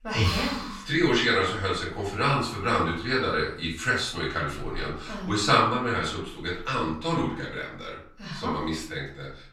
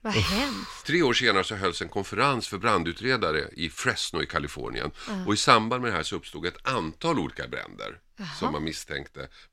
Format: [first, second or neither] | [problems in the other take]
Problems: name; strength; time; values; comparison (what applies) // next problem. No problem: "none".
second | room echo; slight; dies away in 0.5 s // off-mic speech; far